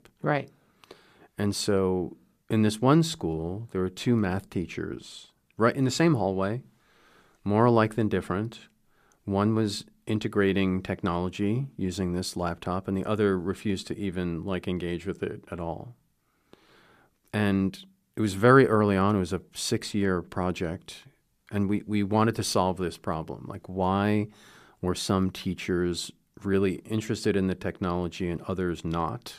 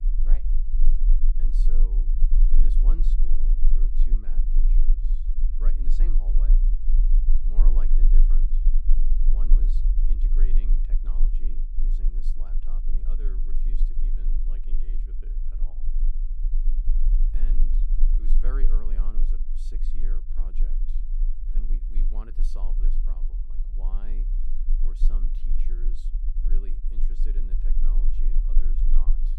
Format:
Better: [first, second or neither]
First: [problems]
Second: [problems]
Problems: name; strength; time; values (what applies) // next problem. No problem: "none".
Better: first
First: none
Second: low rumble; loud; throughout; 2 dB below the speech